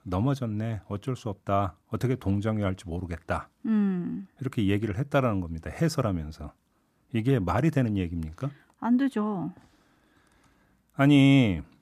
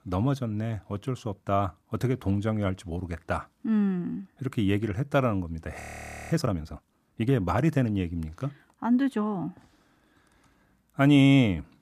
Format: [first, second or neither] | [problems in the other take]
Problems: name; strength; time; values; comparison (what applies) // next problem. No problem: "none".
first | audio freezing; at 6 s for 0.5 s